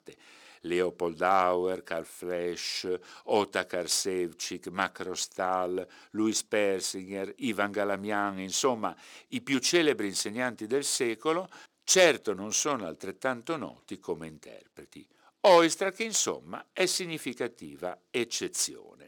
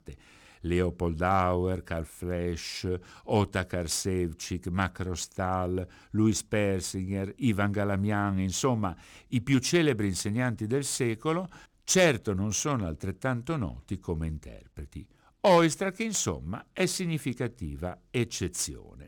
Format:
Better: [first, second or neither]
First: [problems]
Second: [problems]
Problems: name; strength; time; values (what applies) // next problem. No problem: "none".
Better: second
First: thin; somewhat; fading below 400 Hz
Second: none